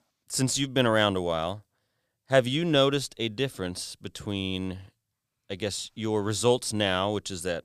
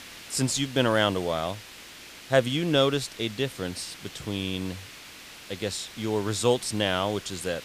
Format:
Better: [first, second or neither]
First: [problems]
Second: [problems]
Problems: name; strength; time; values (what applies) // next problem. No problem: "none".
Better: first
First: none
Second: hiss; noticeable; throughout; 15 dB below the speech